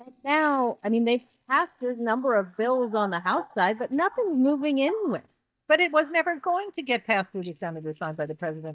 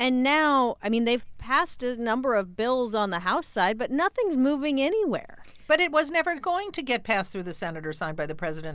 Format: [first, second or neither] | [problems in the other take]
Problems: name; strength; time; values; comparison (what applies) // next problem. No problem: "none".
second | noise reduction (neural mask model DeepFilterNet 3)